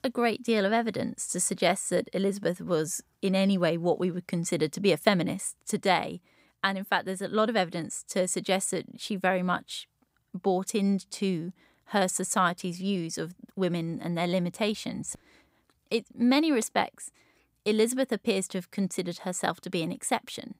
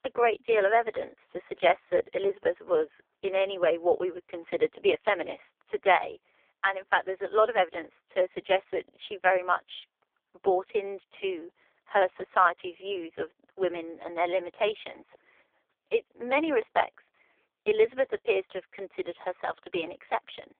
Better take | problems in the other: first | phone-call audio; poor line; nothing above 3.5 kHz

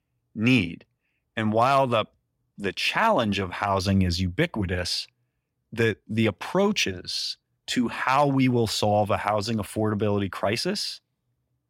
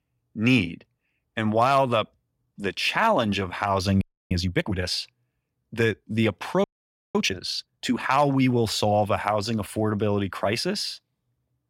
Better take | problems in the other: first | audio freezing; at 4 s and at 6.5 s for 0.5 s

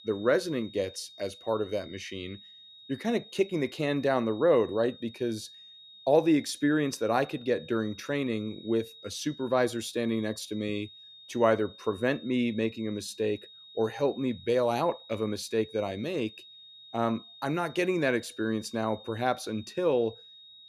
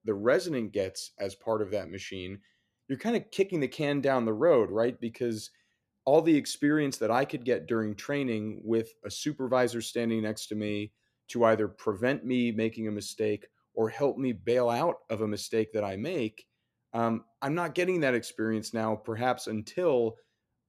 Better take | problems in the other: second | high-pitched whine; noticeable; throughout; 3.5 kHz, 20 dB below the speech

